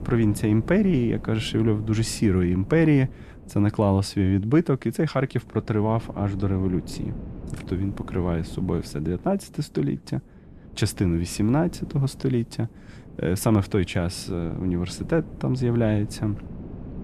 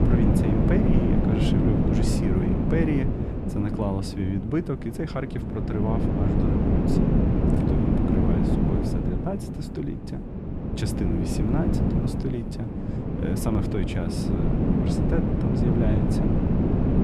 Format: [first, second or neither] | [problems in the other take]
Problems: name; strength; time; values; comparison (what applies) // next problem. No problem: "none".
first | wind noise on the microphone; heavy; 3 dB above the speech; occasional gusts in the first